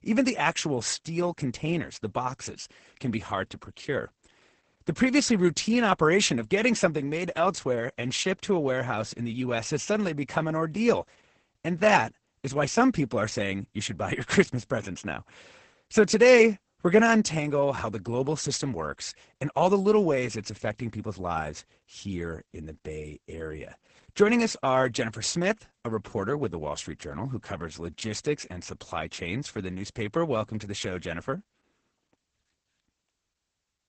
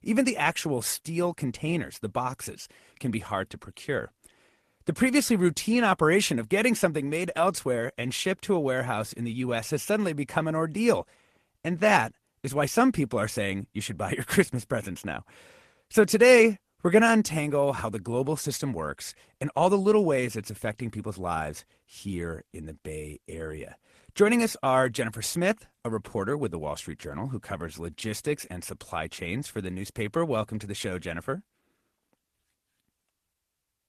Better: second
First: garbled, watery; badly; nothing above 8 kHz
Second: garbled, watery; slightly; nothing above 14 kHz

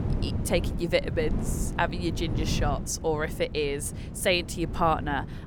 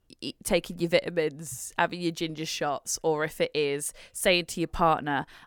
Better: second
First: wind noise on the microphone; occasional gusts; 15 dB below the speech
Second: none

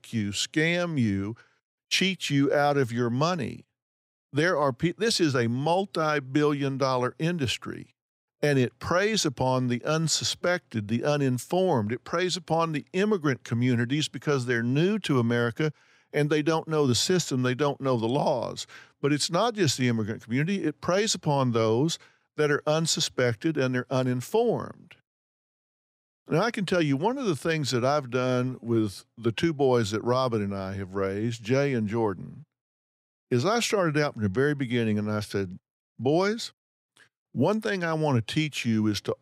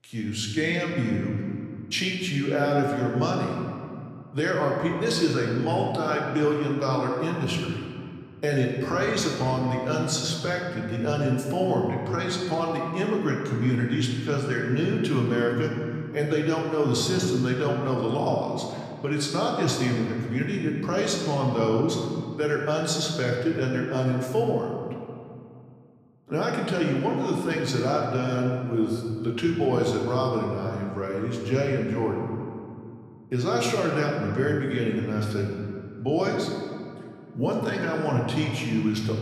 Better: first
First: none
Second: room echo; noticeable; dies away in 2 s // off-mic speech; somewhat distant

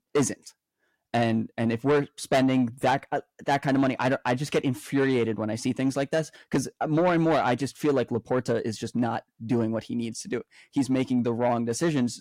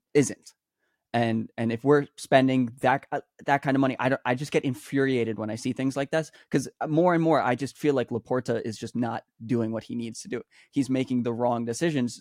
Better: second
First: distortion; slight; 10 dB below the speech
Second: none

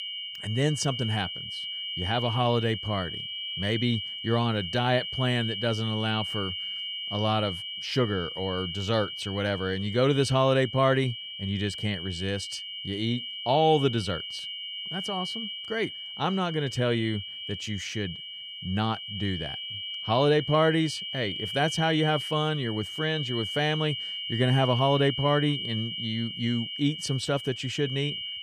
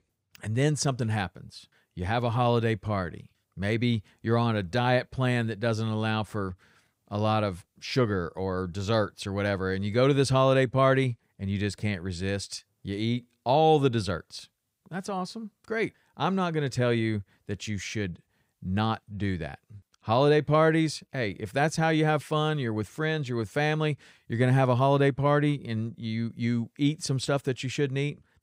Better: second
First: high-pitched whine; loud; throughout; 3 kHz, 5 dB below the speech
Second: none

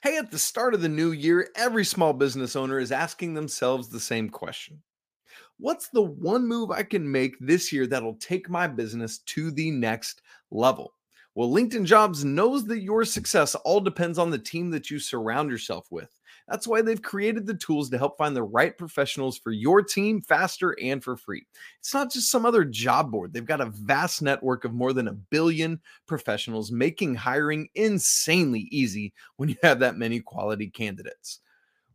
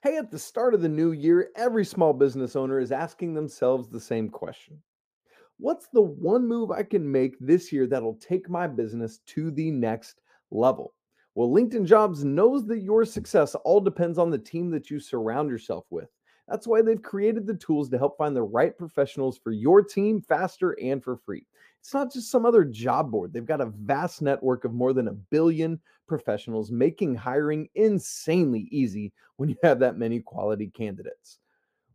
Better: first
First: none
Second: muffled; slightly; fading above 1.5 kHz

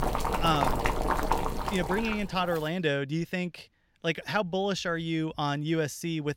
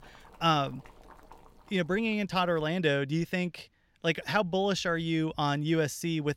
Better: second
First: household noises; loud; until 2 s; 1 dB below the speech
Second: household noises; faint; until 2 s; 25 dB below the speech

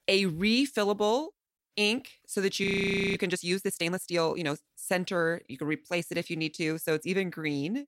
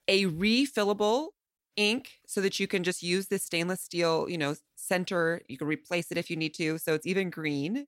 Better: second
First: audio freezing; at 2.5 s for 0.5 s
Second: none

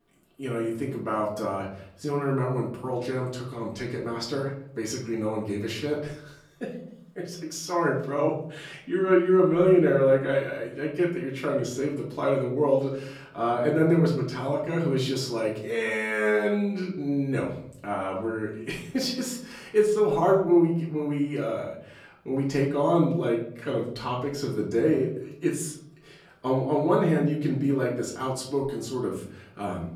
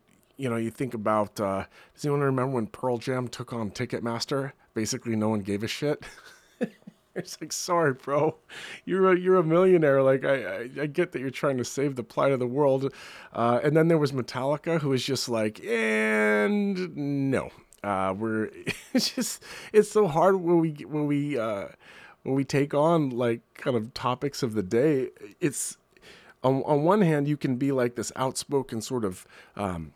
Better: second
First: room echo; slight; dies away in 0.6 s // off-mic speech; far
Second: none

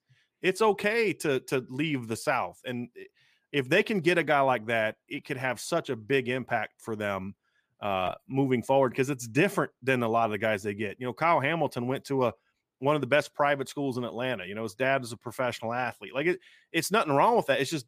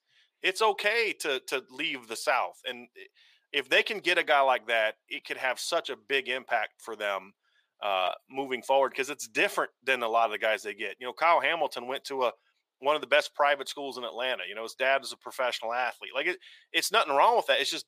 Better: first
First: none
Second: thin; very; fading below 600 Hz

